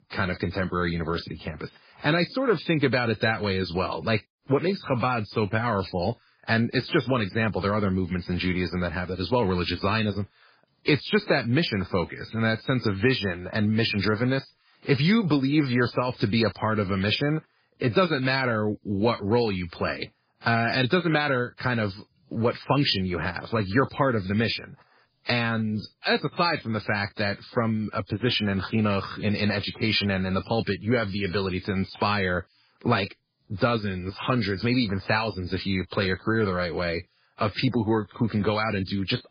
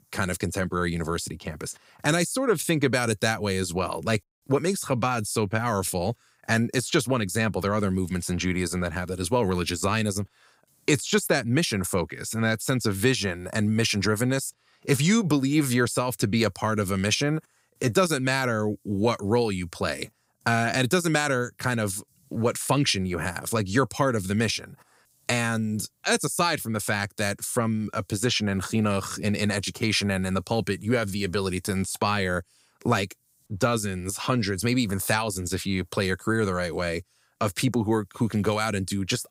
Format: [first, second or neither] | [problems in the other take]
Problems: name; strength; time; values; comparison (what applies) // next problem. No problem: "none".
second | garbled, watery; badly; nothing above 5 kHz